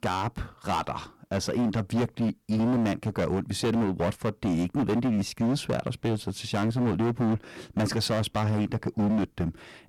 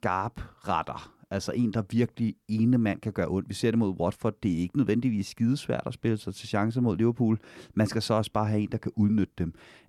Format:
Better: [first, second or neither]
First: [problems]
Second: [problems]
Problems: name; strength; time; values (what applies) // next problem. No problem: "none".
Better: second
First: distortion; heavy; 20% of the sound clipped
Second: none